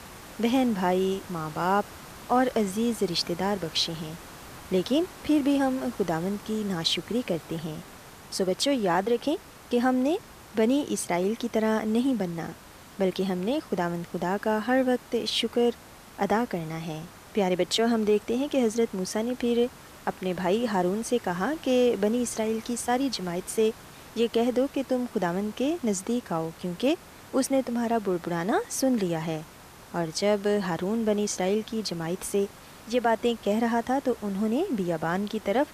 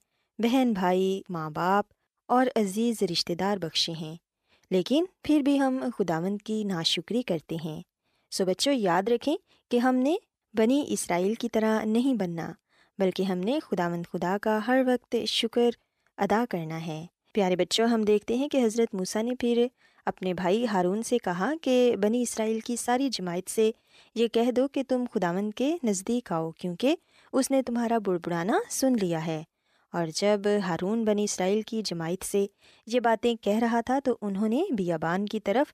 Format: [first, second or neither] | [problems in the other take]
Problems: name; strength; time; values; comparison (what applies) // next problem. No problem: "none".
second | hiss; noticeable; throughout; 20 dB below the speech